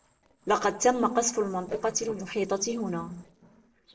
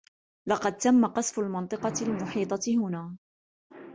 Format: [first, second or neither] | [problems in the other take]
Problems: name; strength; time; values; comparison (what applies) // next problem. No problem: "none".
second | noise reduction (neural separator model SepFormer DNS4)